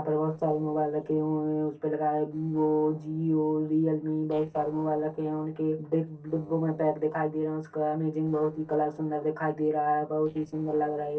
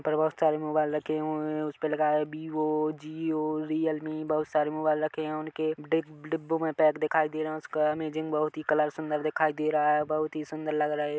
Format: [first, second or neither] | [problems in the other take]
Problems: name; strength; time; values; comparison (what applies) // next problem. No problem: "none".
second | noise reduction (neural separator model SepFormer DNS4)